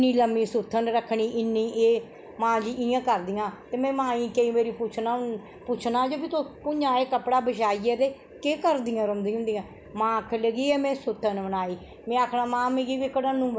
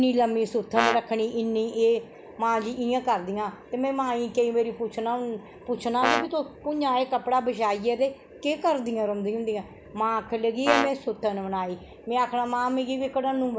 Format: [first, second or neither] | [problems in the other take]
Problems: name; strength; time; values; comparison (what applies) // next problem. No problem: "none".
first | background sound (Brass instrument); 2 dB below the speech